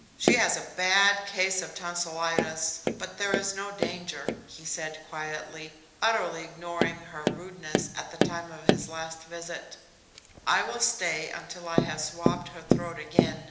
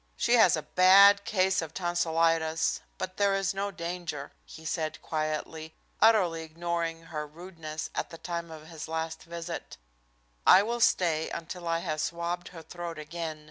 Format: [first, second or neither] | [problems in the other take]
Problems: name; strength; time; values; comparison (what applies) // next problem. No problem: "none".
second | background sound (Tap); as loud as the speech // room echo; dies away in 1 s